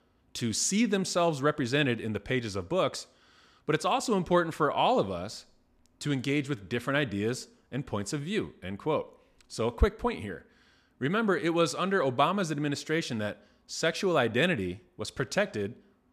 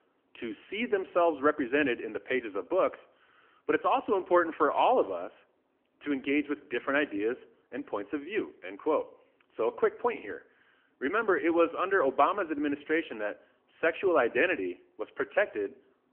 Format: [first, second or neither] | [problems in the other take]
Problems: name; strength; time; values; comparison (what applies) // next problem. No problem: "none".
first | phone-call audio; nothing above 3 kHz